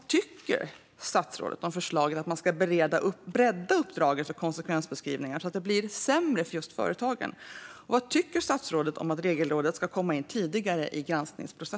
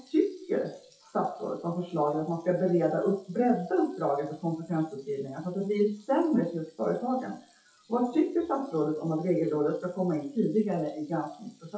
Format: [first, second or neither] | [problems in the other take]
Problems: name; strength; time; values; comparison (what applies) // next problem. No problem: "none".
first | noise reduction (classical method WPE with log-MMSE)